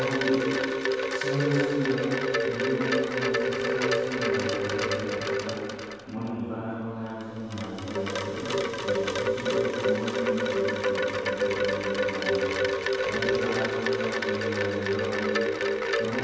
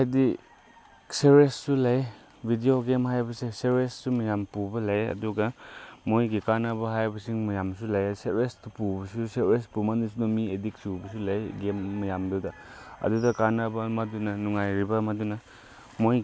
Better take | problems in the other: second | background sound (Wind chime); 5 dB above the speech // room echo; dies away in 2.1 s

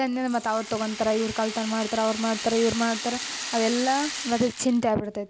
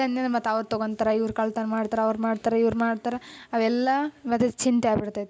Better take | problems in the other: second | background sound (Rattle (instrument)); 10 dB below the speech

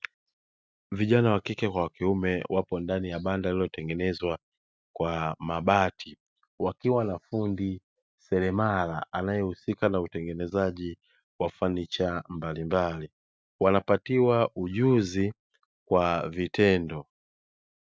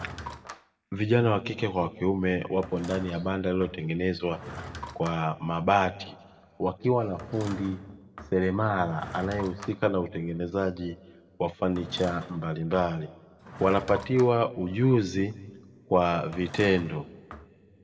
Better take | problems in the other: first | background sound (Drawer open or close / Wood); 17 dB below the speech // room echo; dies away in 1.3 s

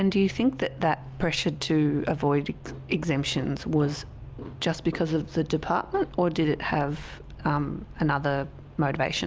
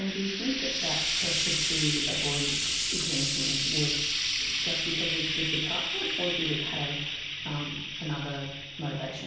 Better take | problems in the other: first | background sound (Frying (food)); 4 dB above the speech // room echo; dies away in 0.9 s

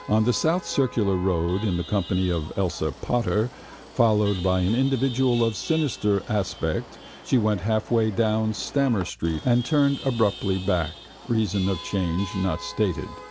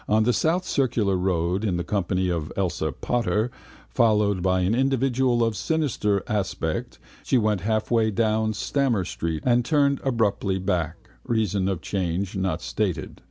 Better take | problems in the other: second | background sound (Chatter / Traffic noise, roadway noise / Vehicle horn, car horn, honking / Engine); 17 dB below the speech

